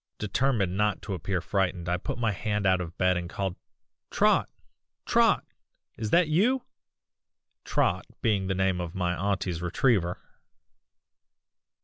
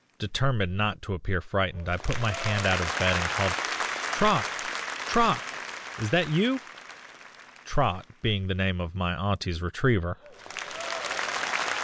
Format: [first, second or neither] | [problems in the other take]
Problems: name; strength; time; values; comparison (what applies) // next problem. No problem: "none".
first | background sound (Applause); 6 dB below the speech